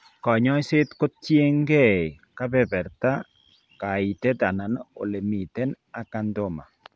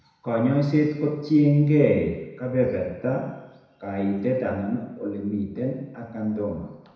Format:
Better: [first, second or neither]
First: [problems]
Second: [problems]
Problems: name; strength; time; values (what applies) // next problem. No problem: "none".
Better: first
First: none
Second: room echo; dies away in 1 s